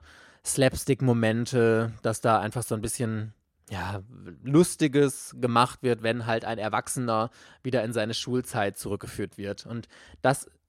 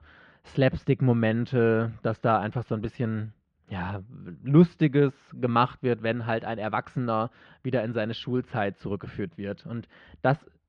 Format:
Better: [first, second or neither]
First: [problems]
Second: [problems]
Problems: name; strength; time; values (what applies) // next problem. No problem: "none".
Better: first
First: none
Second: muffled; slightly; fading above 3.5 kHz